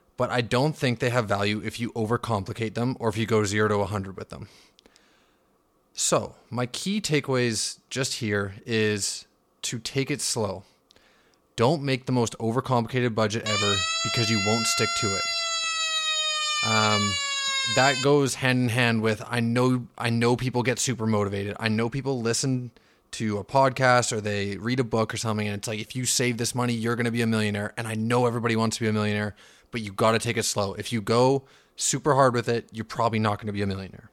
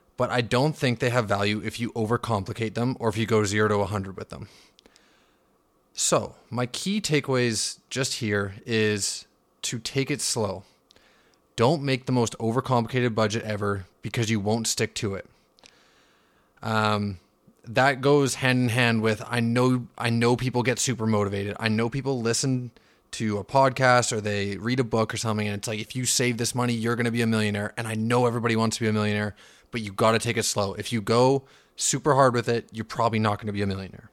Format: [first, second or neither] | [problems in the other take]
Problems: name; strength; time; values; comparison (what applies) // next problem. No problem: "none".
second | siren; loud; from 13 to 18 s; peak 3 dB above the speech